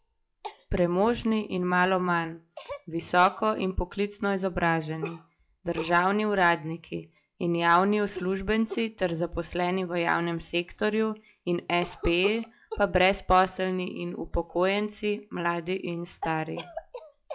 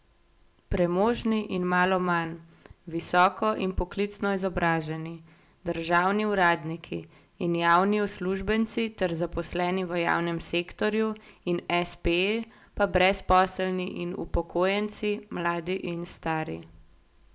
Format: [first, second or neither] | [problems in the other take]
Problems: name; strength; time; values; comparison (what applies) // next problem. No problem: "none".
second | noise reduction (classical method log-MMSE)